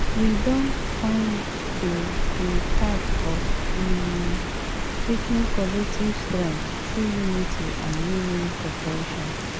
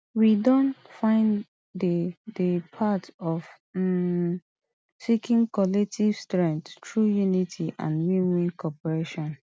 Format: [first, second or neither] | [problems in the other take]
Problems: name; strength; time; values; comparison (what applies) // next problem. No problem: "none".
second | background sound (Rain); 3 dB above the speech